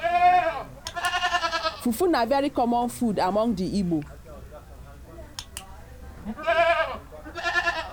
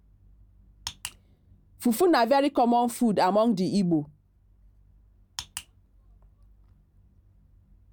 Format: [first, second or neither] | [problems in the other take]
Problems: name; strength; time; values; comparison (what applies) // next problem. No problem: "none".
second | background sound (Livestock, farm animals, working animals); 1 dB above the speech